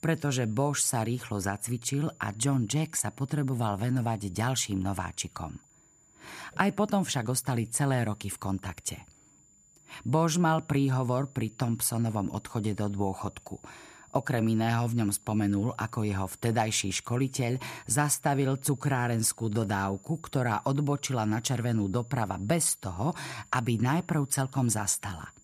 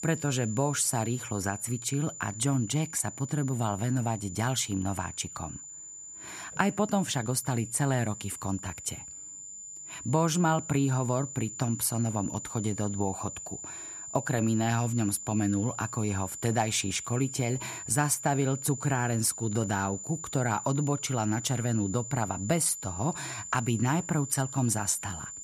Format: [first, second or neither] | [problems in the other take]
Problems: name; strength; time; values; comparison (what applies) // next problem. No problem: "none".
first | high-pitched whine; loud; throughout; 7 kHz, 9 dB below the speech; faint in the first